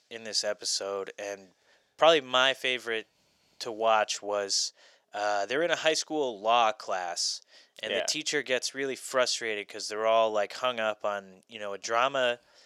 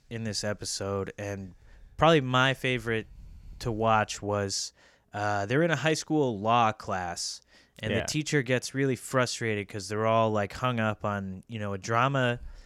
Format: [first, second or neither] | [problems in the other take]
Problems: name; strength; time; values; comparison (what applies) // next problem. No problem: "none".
second | thin; very; fading below 450 Hz